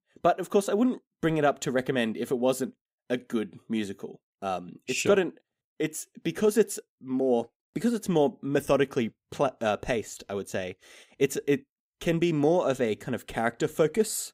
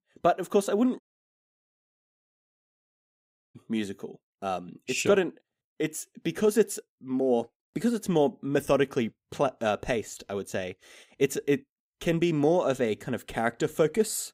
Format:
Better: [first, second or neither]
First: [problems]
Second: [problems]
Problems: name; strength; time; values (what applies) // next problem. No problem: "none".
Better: first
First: none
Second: audio cutting out; at 1 s for 2.5 s